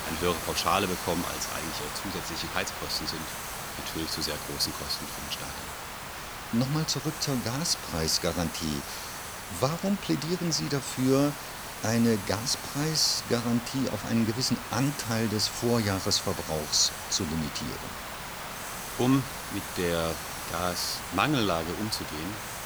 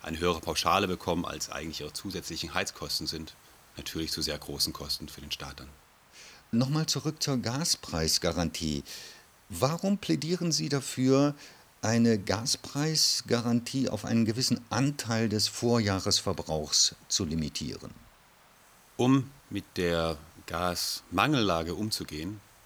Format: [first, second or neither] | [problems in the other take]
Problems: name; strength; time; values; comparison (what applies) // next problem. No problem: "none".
second | hiss; loud; throughout; 7 dB below the speech; faint in the second